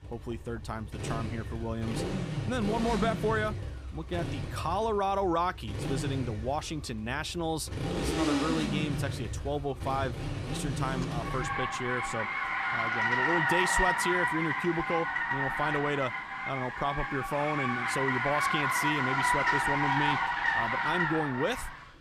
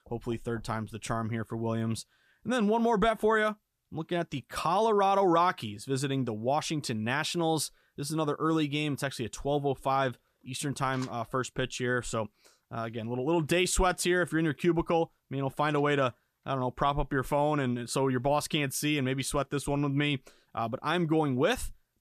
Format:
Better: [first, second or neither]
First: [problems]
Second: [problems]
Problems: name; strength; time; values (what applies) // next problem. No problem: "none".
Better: second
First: traffic noise; very loud; throughout; 2 dB above the speech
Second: none